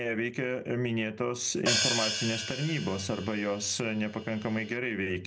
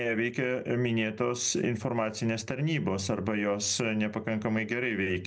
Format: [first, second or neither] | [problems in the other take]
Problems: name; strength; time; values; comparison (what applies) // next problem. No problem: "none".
second | background sound (Hi-hat); 3 dB below the speech